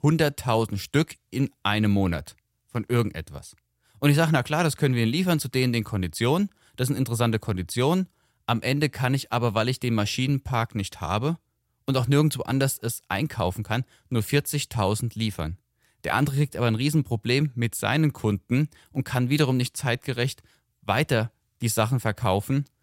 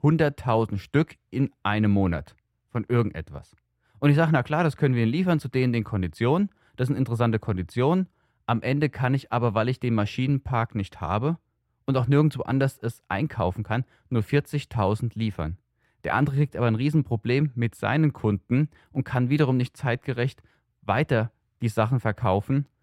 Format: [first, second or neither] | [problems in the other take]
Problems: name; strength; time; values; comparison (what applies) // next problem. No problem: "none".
first | muffled; slightly; fading above 3.5 kHz